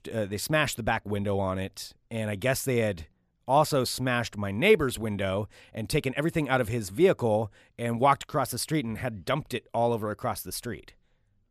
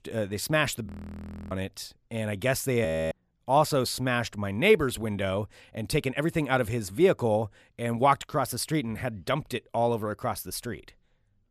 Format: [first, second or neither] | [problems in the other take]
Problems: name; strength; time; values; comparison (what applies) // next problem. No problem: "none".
first | audio freezing; at 1 s for 0.5 s and at 3 s